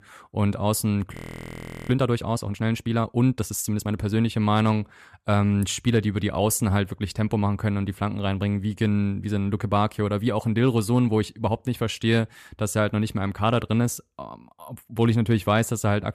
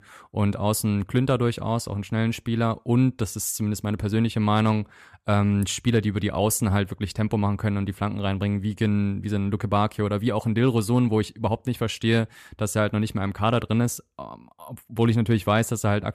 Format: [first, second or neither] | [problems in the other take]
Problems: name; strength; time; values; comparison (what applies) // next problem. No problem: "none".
second | audio freezing; at 1 s for 1 s